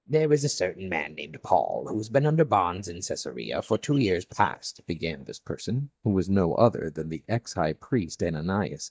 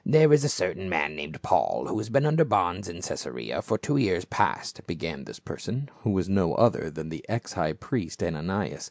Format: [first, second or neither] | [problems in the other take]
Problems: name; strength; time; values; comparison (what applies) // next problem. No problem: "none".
second | noise reduction (neural mask model DeepFilterNet 3)